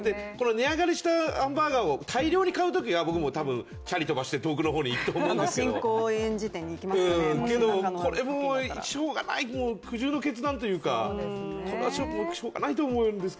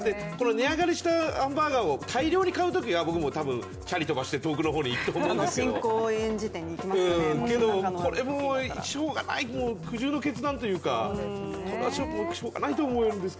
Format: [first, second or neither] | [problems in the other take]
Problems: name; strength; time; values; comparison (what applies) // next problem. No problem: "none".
first | background sound (Musical instrument); 14 dB below the speech